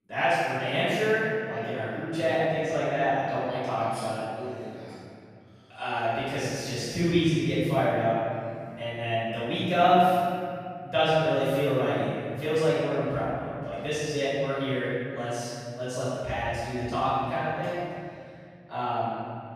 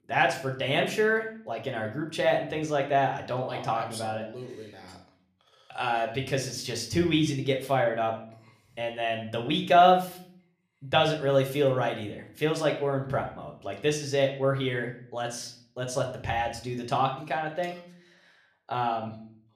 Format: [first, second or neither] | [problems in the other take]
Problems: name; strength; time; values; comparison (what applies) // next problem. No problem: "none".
second | room echo; strong; dies away in 2.4 s; slight in the second // off-mic speech; far; somewhat distant in the second